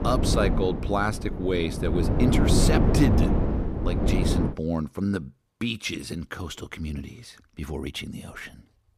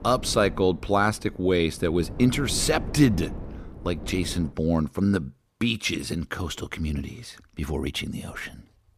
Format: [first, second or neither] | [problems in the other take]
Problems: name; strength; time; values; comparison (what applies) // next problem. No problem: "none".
second | wind noise on the microphone; heavy; until 4.5 s; 1 dB below the speech; occasional gusts in the second